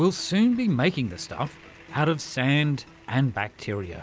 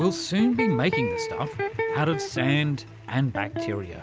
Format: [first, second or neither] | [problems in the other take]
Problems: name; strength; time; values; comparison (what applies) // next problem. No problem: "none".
first | background sound (Electric guitar); 5 dB below the speech